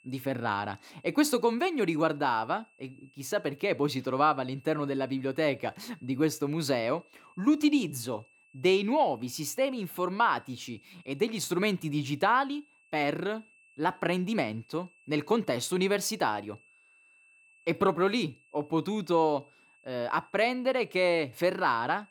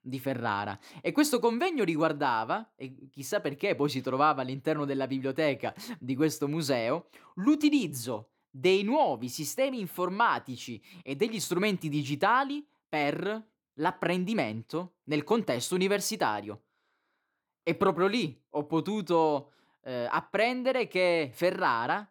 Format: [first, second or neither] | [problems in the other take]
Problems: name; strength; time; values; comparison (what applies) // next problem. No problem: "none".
second | high-pitched whine; faint; throughout; 2.5 kHz, 30 dB below the speech